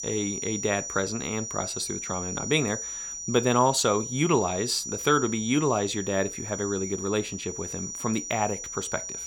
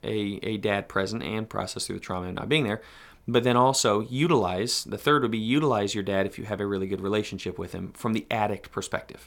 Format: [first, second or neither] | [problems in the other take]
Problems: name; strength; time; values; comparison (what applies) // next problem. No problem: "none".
second | high-pitched whine; loud; throughout; 6 kHz, 6 dB below the speech